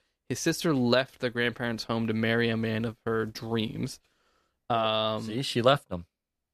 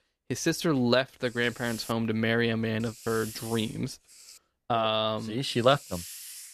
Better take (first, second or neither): first